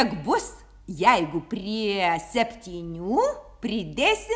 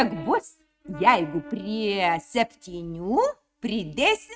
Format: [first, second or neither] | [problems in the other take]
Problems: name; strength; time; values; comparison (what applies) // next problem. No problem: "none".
first | noise reduction (neural mask model RNNoise)